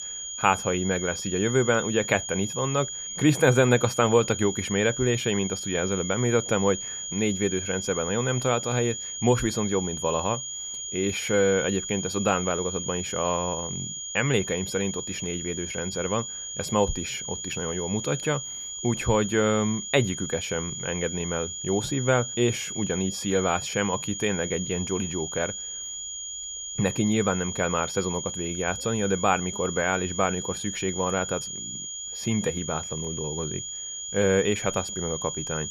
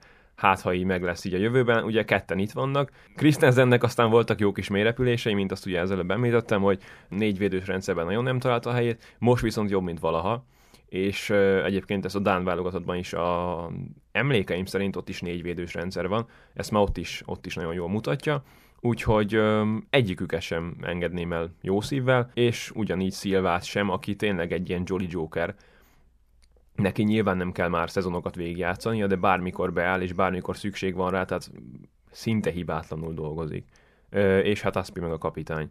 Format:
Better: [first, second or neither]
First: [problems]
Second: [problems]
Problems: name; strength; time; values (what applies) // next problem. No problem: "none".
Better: second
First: high-pitched whine; loud; throughout; 7 kHz, 5 dB below the speech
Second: none